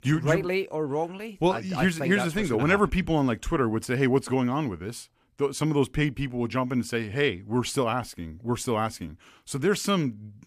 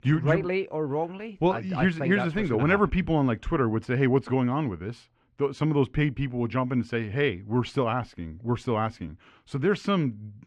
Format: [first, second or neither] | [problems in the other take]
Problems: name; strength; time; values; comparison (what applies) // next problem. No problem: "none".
first | muffled; slightly; fading above 3 kHz